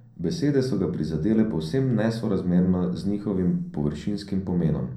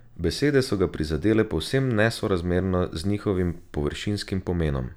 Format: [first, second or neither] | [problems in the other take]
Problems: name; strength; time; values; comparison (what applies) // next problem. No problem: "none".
second | room echo; dies away in 0.6 s